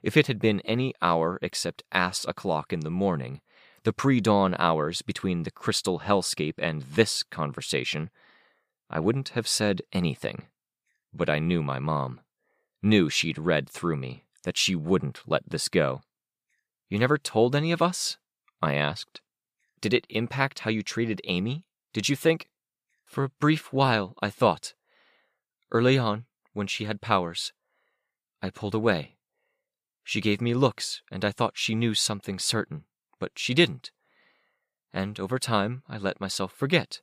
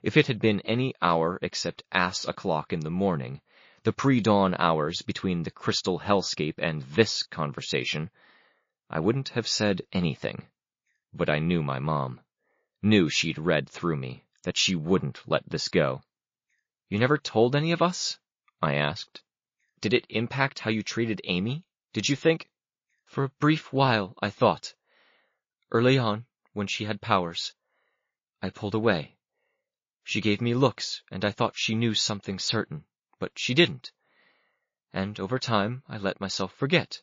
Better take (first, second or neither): first